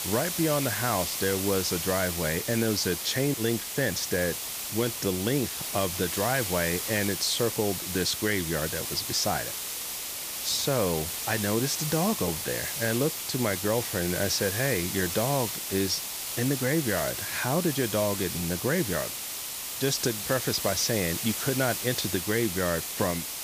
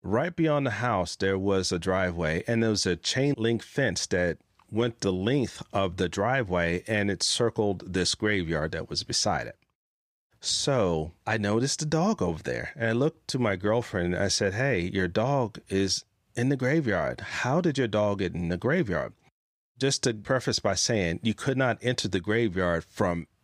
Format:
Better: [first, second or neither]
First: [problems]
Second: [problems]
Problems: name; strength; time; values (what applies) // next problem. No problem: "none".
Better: second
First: hiss; loud; throughout; 2 dB below the speech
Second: none